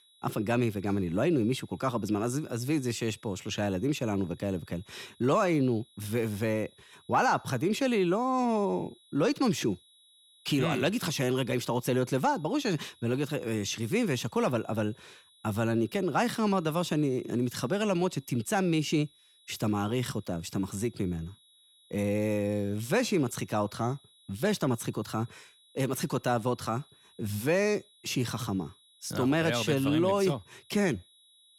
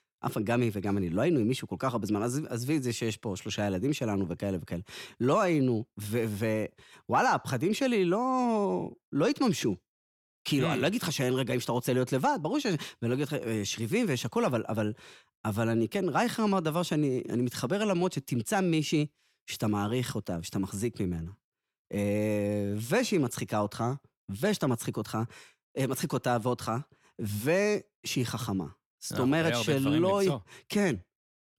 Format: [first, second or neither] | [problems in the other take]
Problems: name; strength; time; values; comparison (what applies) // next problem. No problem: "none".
second | high-pitched whine; faint; throughout; 4 kHz, 30 dB below the speech